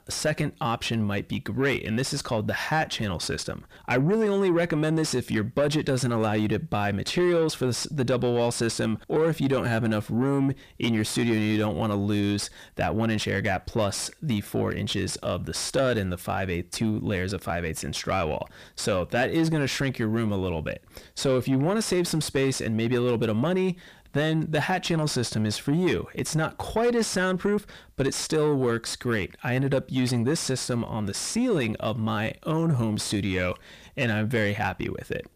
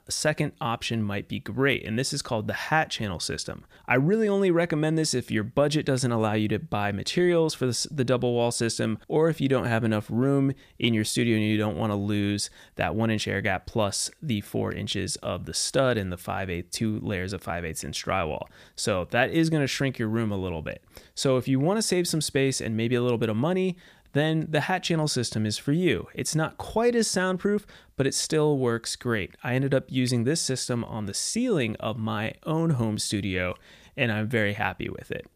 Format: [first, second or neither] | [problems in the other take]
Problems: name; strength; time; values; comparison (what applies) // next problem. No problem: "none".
second | distortion; slight; 10 dB below the speech